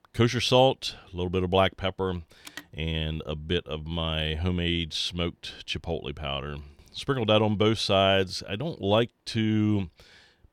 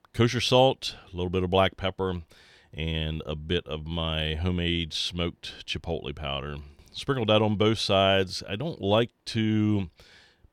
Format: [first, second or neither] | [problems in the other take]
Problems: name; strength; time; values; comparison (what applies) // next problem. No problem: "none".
second | phone ringing; faint; at 2.5 s; peak 15 dB below the speech